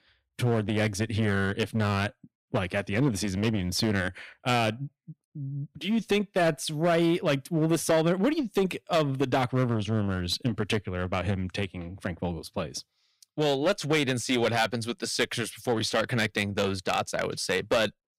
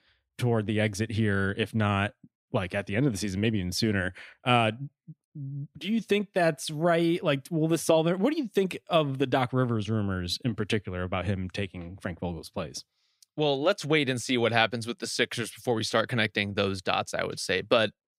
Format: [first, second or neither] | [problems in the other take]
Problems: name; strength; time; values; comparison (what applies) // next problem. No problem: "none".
second | distortion; slight; 7% of the sound clipped